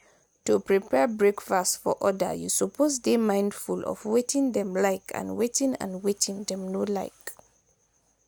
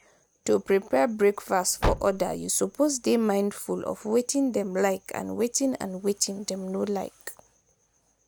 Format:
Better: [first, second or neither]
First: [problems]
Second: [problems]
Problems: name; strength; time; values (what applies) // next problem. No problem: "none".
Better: first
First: none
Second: background sound (Car); 6 dB below the speech